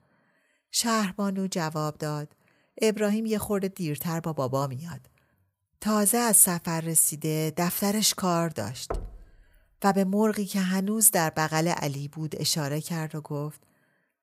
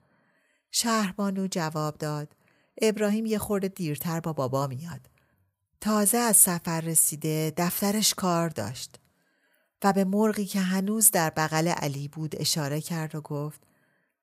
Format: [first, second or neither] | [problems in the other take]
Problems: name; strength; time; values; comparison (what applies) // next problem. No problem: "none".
second | door banging; faint; at 9 s; peak 10 dB below the speech